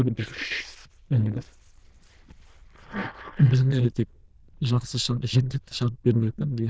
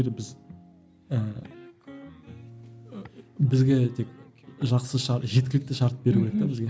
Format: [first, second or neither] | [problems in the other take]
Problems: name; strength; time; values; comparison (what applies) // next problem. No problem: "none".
second | noise reduction (neural diffusion model UNIVERSE++)